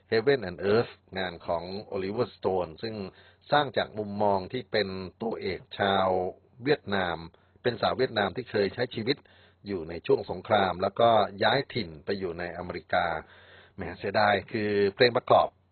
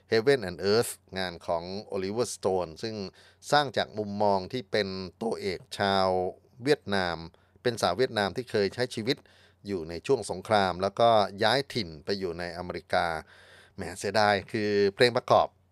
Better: second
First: garbled, watery; badly; nothing above 4 kHz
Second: none

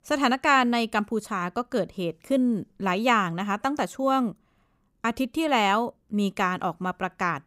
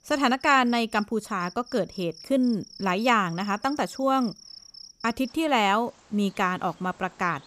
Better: first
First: none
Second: animal sounds; faint; throughout; 20 dB below the speech

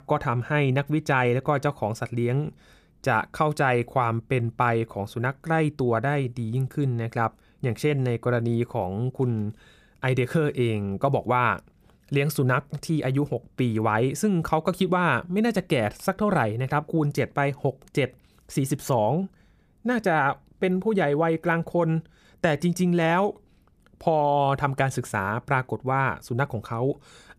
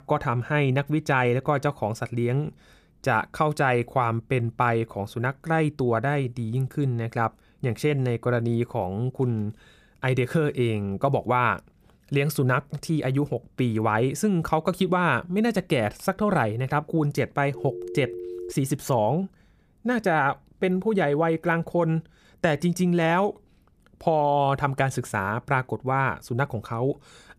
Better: first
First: none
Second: phone ringing; noticeable; at 18 s; peak 10 dB below the speech

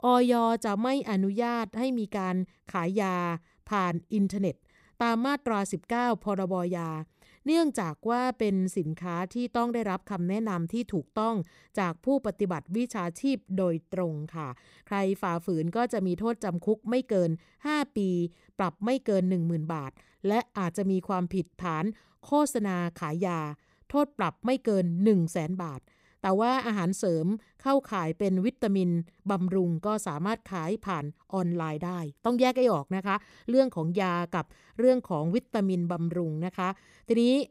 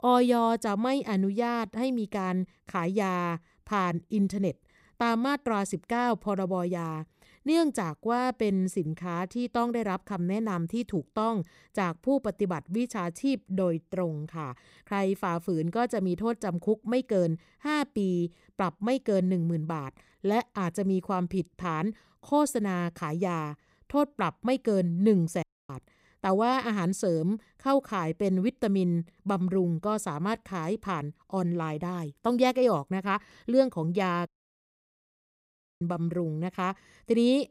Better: first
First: none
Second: audio cutting out; at 25 s and at 34 s for 1.5 s

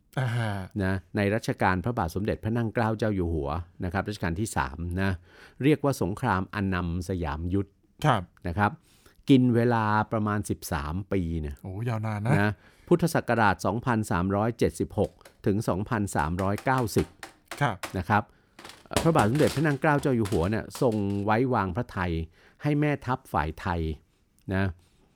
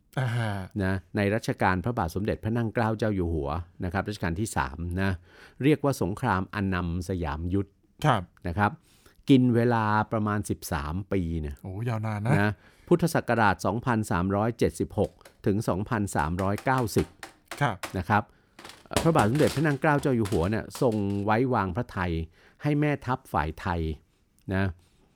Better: neither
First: keyboard typing; noticeable; from 16 to 21 s; peak 3 dB below the speech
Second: keyboard typing; noticeable; from 16 to 21 s; peak 3 dB below the speech

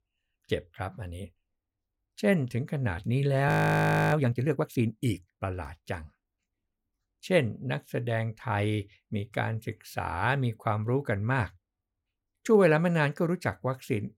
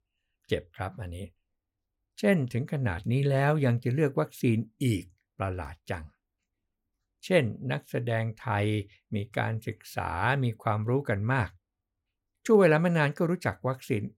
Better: second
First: audio freezing; at 3.5 s for 0.5 s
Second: none

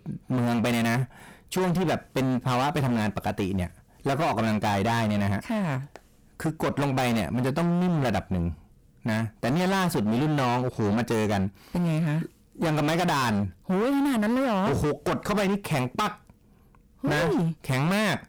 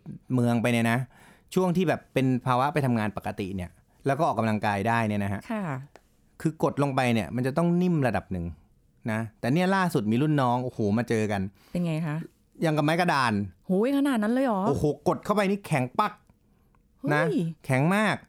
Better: second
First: distortion; heavy; 29% of the sound clipped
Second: none

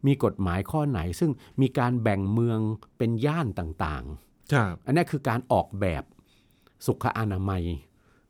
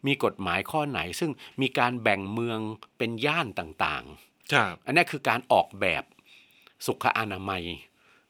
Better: first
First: none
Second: thin; somewhat; fading below 550 Hz

